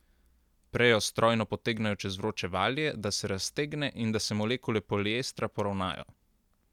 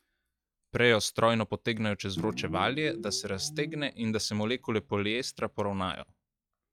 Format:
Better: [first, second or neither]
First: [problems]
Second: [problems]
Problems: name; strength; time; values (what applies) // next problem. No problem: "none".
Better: first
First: none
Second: noise reduction (classical method log-MMSE)